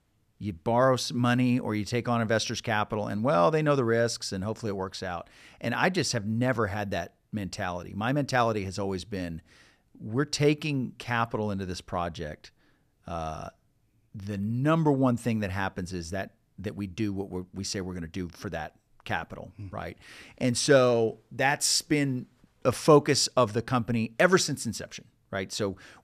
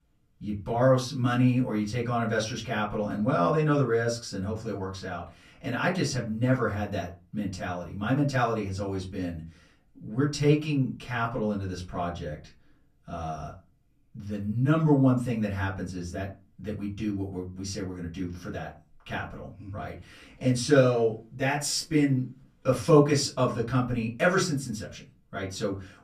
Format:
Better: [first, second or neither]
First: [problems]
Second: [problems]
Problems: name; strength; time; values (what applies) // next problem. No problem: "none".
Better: first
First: none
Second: off-mic speech; far // room echo; very slight; dies away in 0.3 s